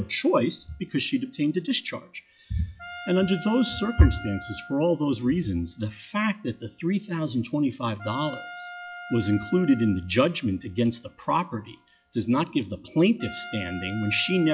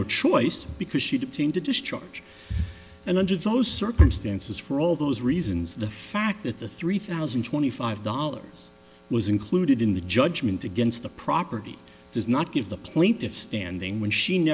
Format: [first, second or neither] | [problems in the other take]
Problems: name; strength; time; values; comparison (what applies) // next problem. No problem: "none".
second | noise reduction (classical method log-MMSE)